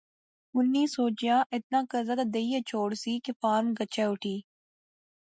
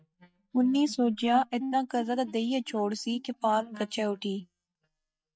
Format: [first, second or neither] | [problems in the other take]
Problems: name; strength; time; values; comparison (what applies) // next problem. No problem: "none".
first | noise reduction (neural mask model DeepFilterNet 3)